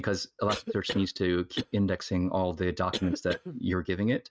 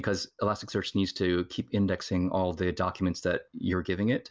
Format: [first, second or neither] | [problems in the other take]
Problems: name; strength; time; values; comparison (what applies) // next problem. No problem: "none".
second | noise reduction (neural mask model RNNoise)